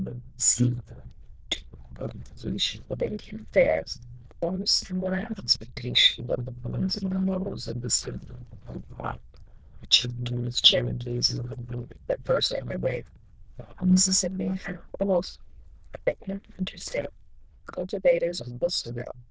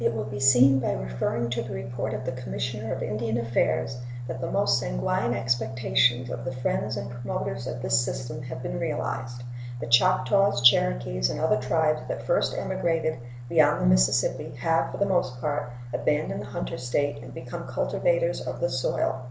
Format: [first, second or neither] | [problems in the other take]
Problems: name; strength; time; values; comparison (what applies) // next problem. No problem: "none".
second | noise reduction (neural diffusion model UNIVERSE++)